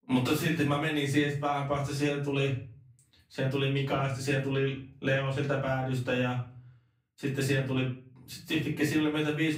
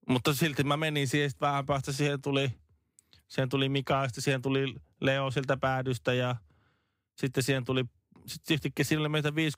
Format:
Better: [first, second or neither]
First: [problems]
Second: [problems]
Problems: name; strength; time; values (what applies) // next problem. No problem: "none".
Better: second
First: off-mic speech; far // room echo; slight; dies away in 0.4 s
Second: none